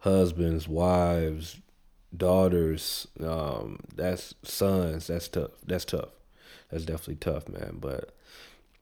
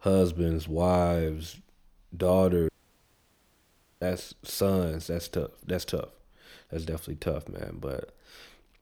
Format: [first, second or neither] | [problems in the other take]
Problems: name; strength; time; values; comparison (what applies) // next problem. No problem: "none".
first | audio cutting out; at 2.5 s for 1.5 s